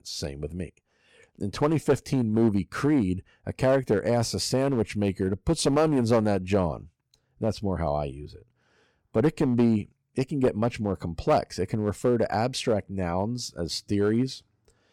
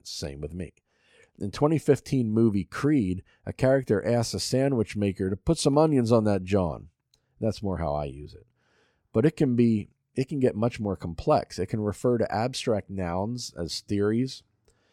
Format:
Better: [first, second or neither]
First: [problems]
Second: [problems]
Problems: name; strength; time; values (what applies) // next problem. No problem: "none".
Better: second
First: distortion; slight; 4% of the sound clipped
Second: none